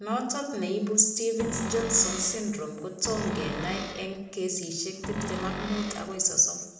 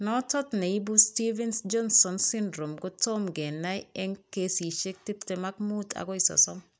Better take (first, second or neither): second